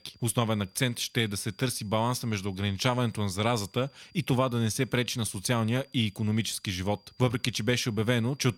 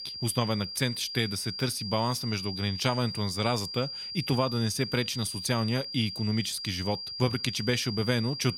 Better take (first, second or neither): first